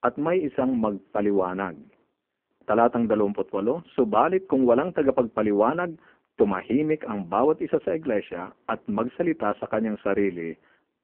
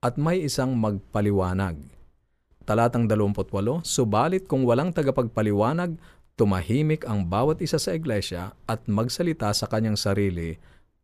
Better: second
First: phone-call audio; poor line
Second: none

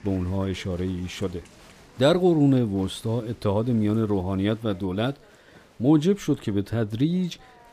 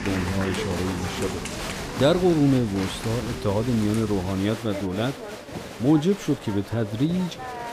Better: first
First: crowd noise; faint; throughout; 25 dB below the speech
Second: crowd noise; loud; throughout; 8 dB below the speech

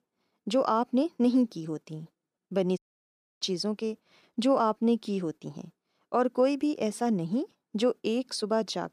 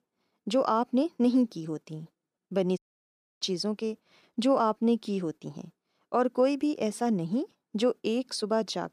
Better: neither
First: audio cutting out; at 3 s for 0.5 s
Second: audio cutting out; at 3 s for 0.5 s

